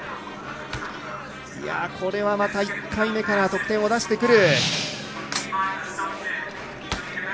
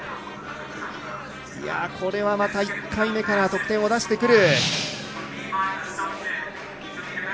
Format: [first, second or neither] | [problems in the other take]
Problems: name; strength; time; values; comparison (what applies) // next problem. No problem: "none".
second | background sound (Cutlery, silverware / Drawer open or close); 17 dB below the speech